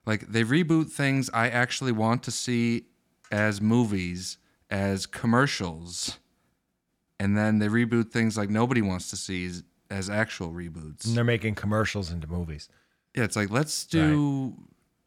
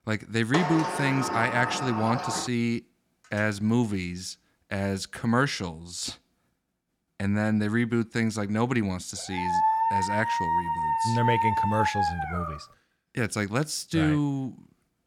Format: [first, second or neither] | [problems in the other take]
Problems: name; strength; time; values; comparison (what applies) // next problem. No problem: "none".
first | door banging; noticeable; from 0.5 to 2.5 s; peak level with the speech // dog barking; loud; from 9.5 to 13 s; peak 5 dB above the speech